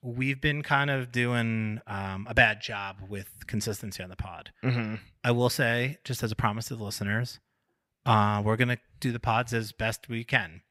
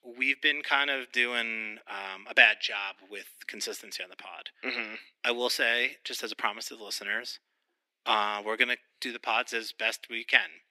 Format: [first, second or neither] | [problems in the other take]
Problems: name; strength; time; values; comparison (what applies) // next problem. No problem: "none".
first | thin; very; fading below 300 Hz